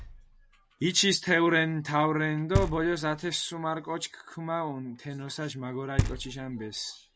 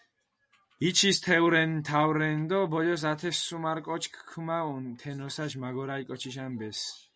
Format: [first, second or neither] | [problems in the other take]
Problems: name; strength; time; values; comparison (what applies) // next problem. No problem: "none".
second | background sound (Knock); 7 dB below the speech